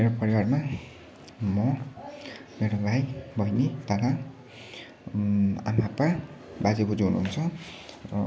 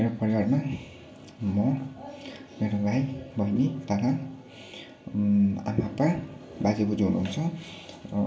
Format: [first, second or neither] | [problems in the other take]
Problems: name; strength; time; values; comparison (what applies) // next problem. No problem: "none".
first | room echo; dies away in 1.2 s